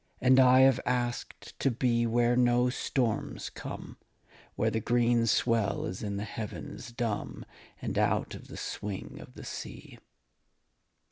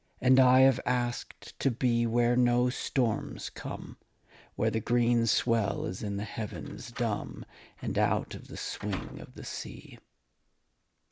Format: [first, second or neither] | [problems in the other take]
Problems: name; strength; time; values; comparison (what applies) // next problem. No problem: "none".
first | background sound (Slam); 19 dB below the speech